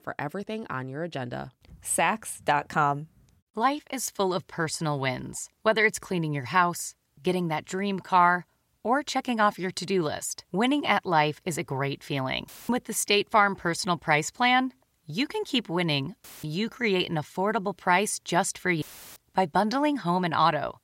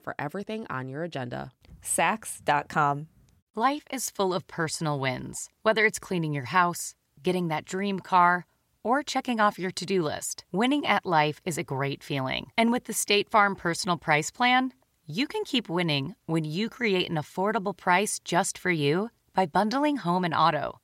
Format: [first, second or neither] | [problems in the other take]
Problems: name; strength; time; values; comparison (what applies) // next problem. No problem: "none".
second | audio cutting out; filled with static; at 12 s, at 16 s and at 19 s